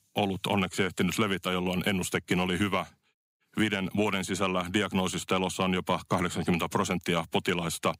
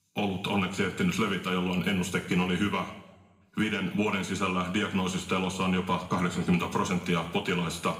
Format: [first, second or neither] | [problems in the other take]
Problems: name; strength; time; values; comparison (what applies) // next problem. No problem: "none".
first | room echo; slight; dies away in 0.9 s // off-mic speech; somewhat distant